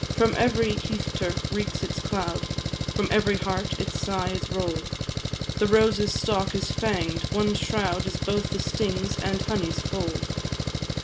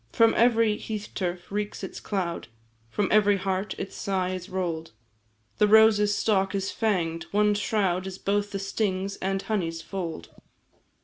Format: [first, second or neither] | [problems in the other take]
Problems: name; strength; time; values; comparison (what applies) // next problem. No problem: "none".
second | background sound (Engine); 2 dB below the speech